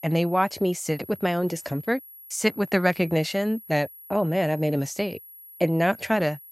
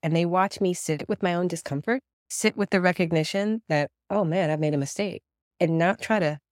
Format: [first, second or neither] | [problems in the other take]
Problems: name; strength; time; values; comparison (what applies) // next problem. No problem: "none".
second | high-pitched whine; noticeable; throughout; 11.5 kHz, 20 dB below the speech